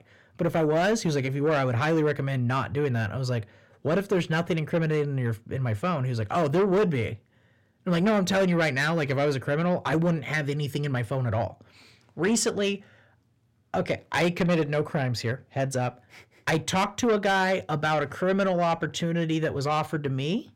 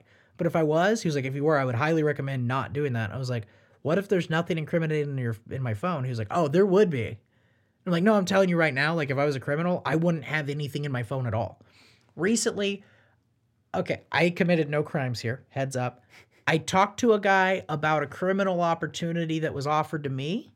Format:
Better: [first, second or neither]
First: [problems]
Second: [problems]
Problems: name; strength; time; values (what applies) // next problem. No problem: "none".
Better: second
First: distortion; slight; 10 dB below the speech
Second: none